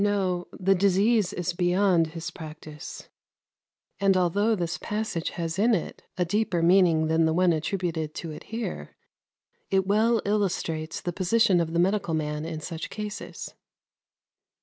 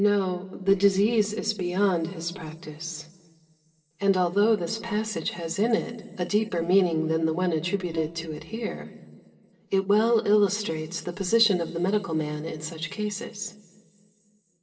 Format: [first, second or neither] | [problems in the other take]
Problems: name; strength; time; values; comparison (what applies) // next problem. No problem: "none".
first | noise reduction (neural separator model SepFormer DNS4)